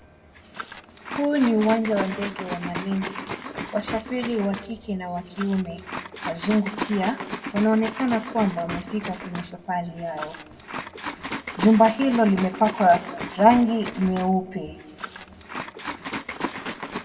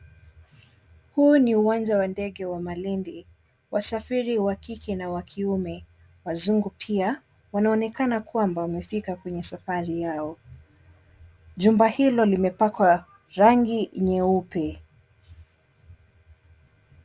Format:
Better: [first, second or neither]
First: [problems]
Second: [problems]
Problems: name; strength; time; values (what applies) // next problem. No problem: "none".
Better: second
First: background sound (Liquid); 10 dB below the speech // room echo; dies away in 1.5 s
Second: none